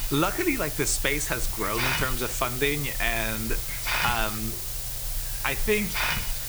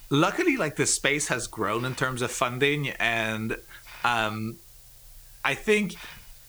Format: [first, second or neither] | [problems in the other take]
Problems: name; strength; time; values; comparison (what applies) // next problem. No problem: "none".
second | hiss; loud; throughout; 1 dB below the speech; faint in the second